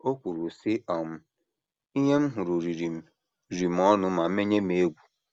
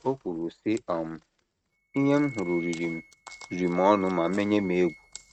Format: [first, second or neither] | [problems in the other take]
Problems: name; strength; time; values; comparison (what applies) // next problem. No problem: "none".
first | noise reduction (neural mask model RNNoise)